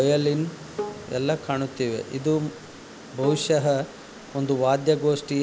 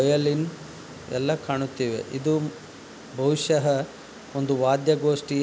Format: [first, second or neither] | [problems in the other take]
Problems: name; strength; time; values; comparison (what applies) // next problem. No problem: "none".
second | background sound (Bowed string instrument); 15 dB below the speech